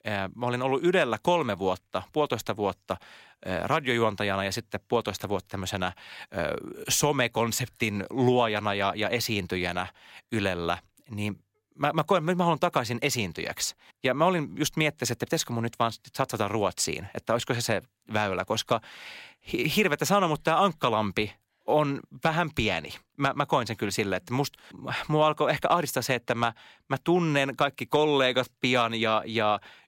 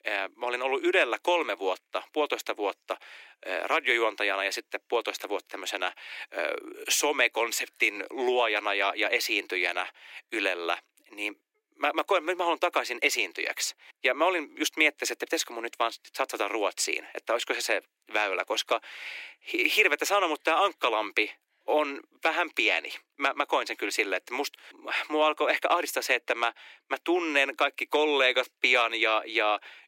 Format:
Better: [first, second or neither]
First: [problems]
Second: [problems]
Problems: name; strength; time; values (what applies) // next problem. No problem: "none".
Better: first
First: none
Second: thin; somewhat; fading below 300 Hz